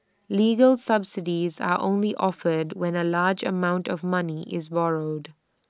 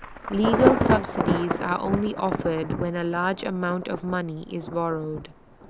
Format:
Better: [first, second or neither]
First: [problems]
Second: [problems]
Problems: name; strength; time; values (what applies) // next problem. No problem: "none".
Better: first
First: none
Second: background sound (Thunder / Traffic noise, roadway noise / Rain / Insect); 1 dB below the speech